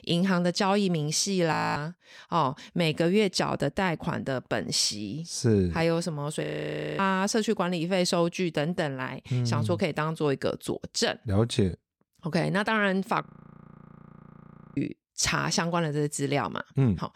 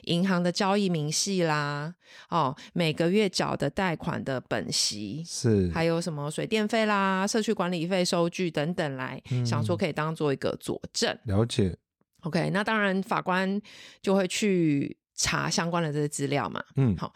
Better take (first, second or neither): second